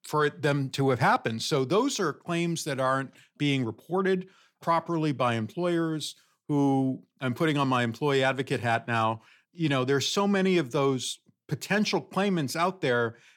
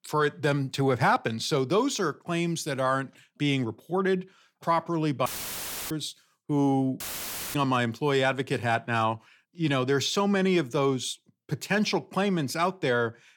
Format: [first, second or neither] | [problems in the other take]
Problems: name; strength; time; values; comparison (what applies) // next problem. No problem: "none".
first | audio cutting out; filled with static; at 5.5 s for 0.5 s and at 7 s for 0.5 s